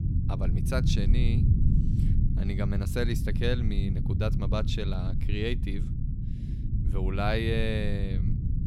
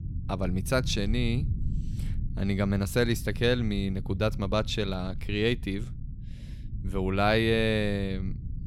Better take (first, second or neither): second